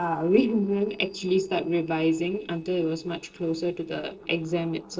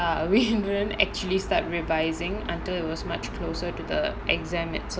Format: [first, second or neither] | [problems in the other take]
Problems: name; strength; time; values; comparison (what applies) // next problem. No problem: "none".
second | noise reduction (neural separator model SepFormer DNS4)